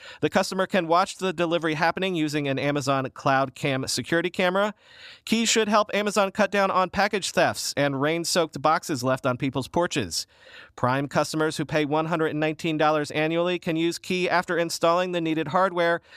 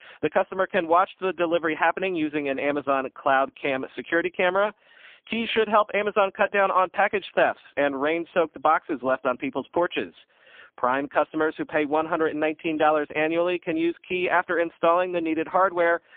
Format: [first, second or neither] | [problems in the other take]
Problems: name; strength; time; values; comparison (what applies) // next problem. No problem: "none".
first | phone-call audio; poor line; nothing above 3.5 kHz